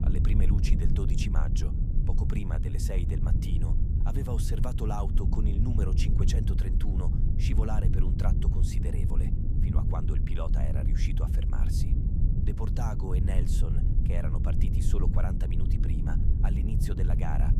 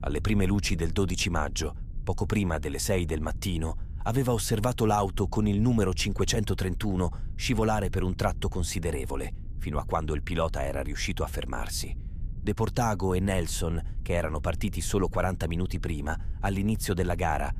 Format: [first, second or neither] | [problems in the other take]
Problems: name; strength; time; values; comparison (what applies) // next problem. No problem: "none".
second | low rumble; loud; throughout; 1 dB below the speech; faint in the second